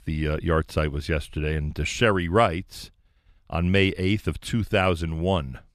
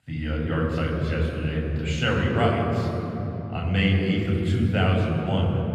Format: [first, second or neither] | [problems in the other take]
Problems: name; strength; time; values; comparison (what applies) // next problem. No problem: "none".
first | room echo; strong; dies away in 3 s // off-mic speech; far